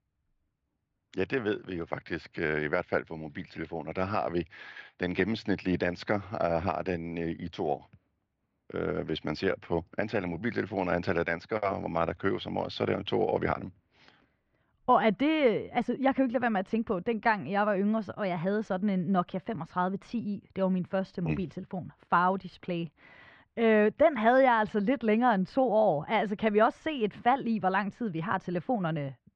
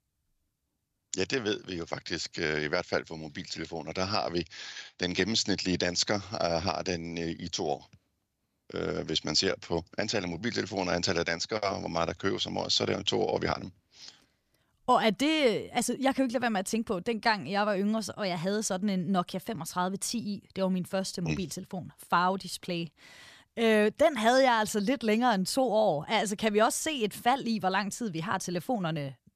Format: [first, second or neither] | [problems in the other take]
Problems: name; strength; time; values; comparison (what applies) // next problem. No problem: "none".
second | muffled; very; fading above 2.5 kHz